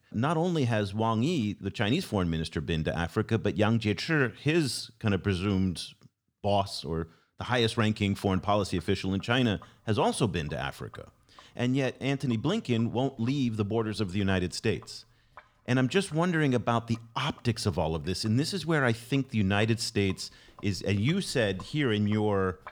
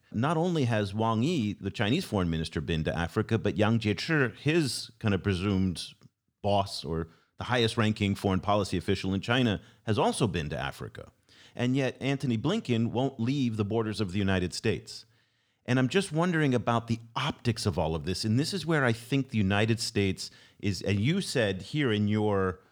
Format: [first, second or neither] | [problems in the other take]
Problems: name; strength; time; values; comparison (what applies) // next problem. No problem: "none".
second | household noises; faint; from 8 s on; 30 dB below the speech